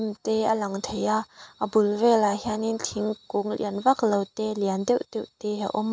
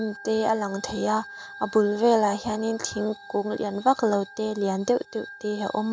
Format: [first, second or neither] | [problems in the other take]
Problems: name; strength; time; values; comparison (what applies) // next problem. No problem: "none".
first | background sound (Organ); 19 dB below the speech